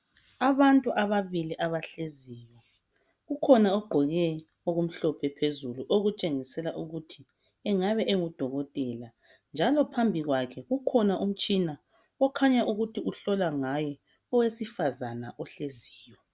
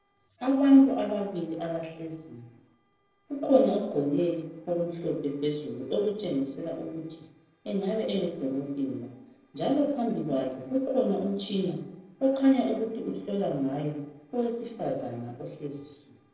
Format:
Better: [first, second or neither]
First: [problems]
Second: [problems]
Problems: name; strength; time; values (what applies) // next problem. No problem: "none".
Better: first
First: none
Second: noise reduction (neural separator model SepFormer DNS4)